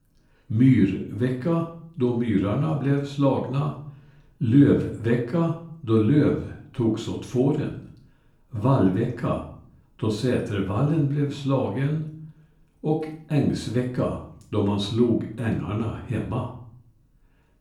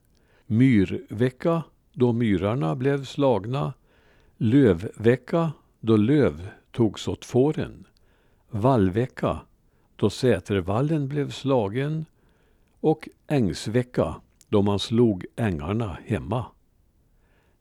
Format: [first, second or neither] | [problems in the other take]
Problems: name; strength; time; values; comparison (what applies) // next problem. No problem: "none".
second | off-mic speech; far // room echo; slight; dies away in 0.4 s